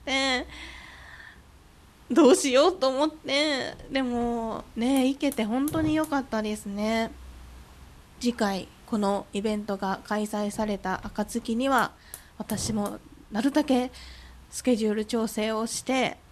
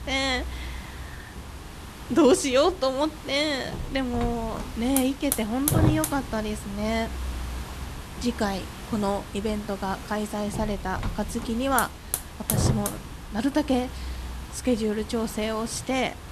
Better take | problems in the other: first | hiss; loud; throughout; 6 dB below the speech; faint in the first

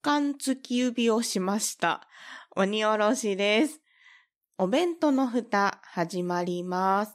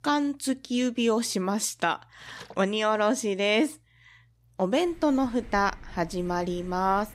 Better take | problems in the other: first | rain or running water; faint; throughout; 20 dB below the speech

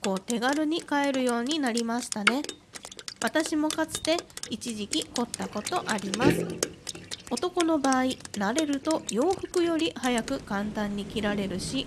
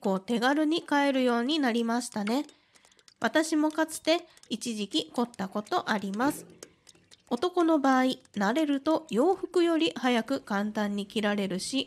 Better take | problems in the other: second | rain or running water; loud; throughout; 6 dB below the speech; faint in the second

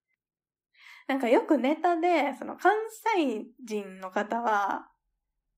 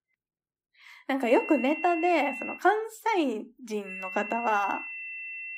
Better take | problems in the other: first | high-pitched whine; loud; from 1.5 to 2.5 s and from 4 s on; 2.5 kHz, 8 dB below the speech

